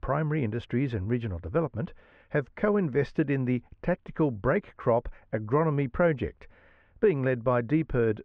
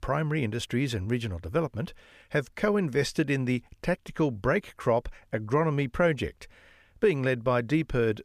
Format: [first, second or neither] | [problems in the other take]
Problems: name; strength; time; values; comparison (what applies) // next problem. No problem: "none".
second | muffled; very; fading above 1.5 kHz